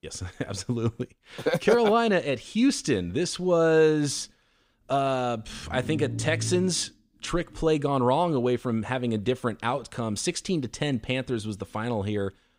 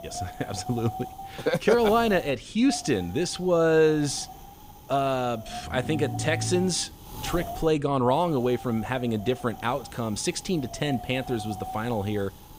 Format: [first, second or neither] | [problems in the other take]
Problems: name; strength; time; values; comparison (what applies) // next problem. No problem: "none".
first | wind noise on the microphone; occasional gusts; 15 dB below the speech